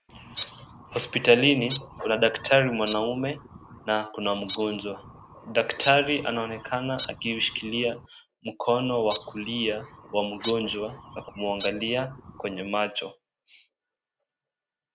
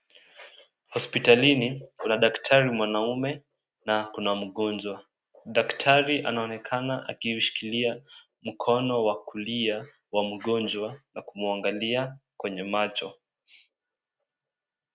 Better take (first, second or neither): second